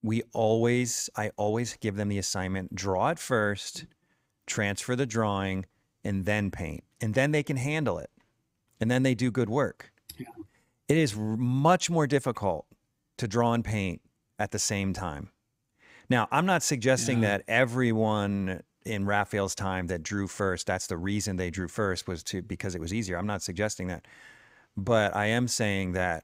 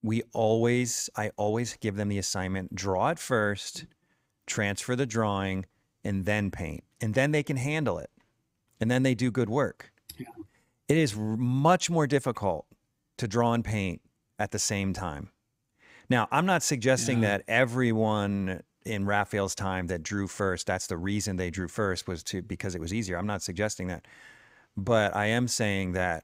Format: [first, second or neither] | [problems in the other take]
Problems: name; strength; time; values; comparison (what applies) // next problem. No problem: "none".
neither | none